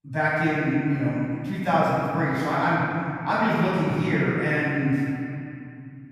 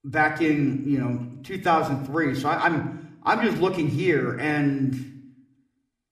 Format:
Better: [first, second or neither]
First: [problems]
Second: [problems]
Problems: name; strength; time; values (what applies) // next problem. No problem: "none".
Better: second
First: room echo; strong; dies away in 2.6 s // off-mic speech; far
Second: room echo; slight; dies away in 0.6 s